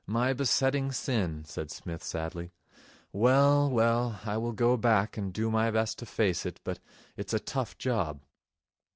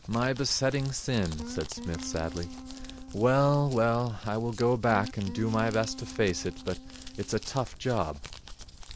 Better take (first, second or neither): first